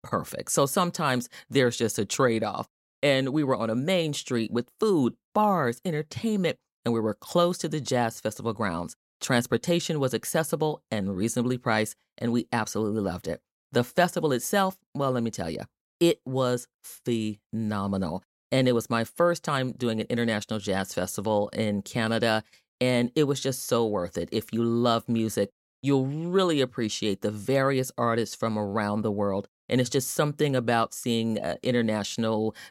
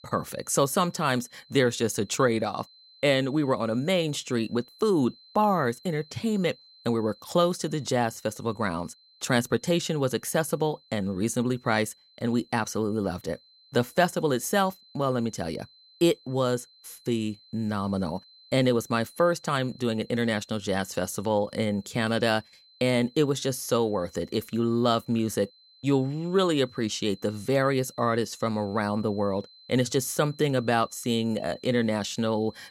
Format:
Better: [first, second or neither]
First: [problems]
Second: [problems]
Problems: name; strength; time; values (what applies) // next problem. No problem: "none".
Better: first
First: none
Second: high-pitched whine; faint; throughout; 4 kHz, 25 dB below the speech